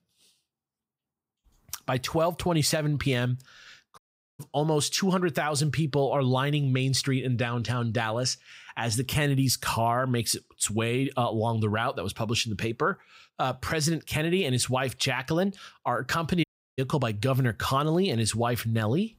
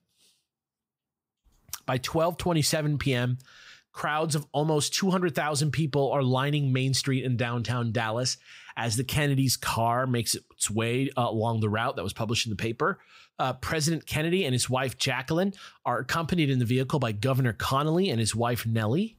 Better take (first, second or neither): second